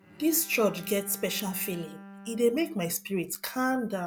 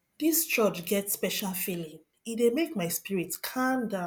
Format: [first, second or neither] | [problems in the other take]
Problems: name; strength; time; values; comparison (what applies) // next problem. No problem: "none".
second | background sound (Bowed string instrument); 18 dB below the speech